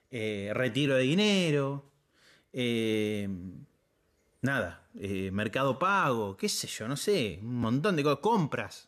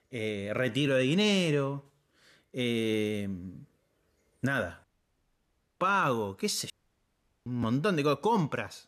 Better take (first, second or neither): first